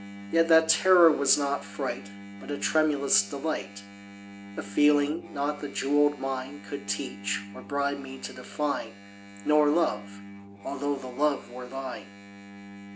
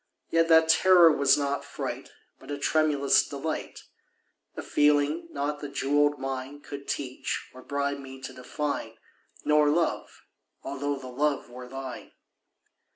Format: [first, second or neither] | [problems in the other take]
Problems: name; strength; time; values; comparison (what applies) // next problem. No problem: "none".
second | background sound (Engine); 16 dB below the speech